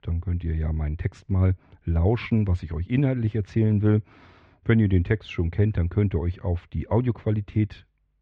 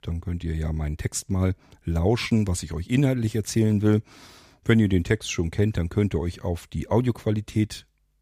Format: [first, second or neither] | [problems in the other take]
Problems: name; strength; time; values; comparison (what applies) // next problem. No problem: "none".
second | muffled; very; fading above 2.5 kHz